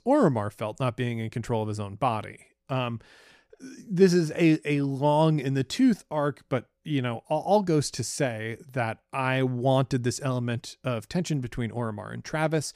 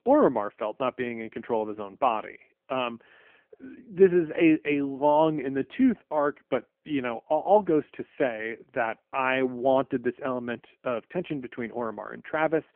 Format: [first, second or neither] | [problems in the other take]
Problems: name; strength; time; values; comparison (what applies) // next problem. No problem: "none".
first | phone-call audio; poor line; nothing above 3 kHz